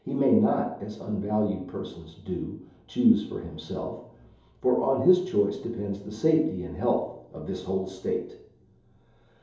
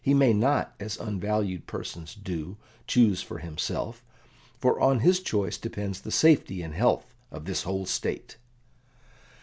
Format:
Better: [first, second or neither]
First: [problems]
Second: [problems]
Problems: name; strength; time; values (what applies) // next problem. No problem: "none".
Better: second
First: room echo; dies away in 2.8 s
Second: none